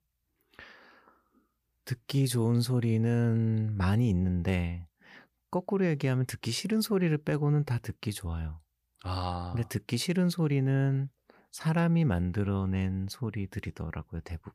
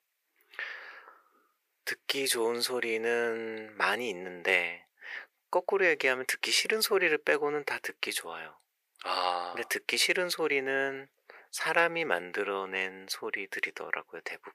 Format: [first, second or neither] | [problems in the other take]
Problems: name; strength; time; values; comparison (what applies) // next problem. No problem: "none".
first | thin; very; fading below 450 Hz